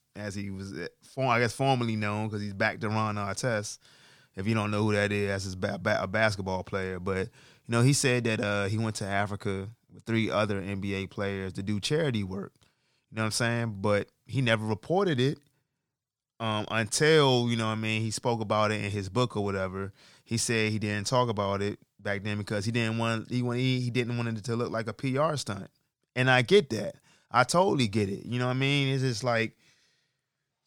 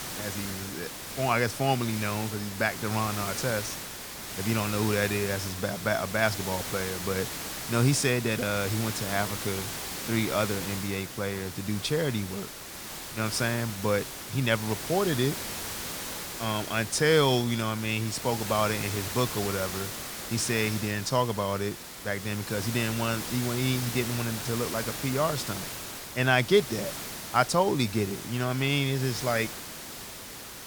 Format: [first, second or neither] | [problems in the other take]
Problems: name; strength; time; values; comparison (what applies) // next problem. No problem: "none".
first | hiss; loud; throughout; 6 dB below the speech